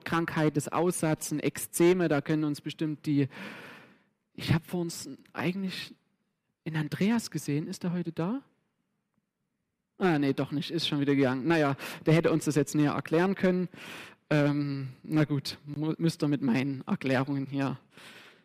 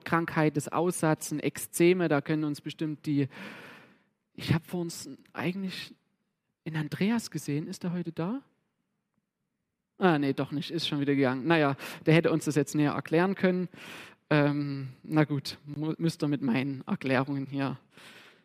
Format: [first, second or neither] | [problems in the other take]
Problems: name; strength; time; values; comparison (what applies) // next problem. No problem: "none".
second | distortion; slight; 1.2% of the sound clipped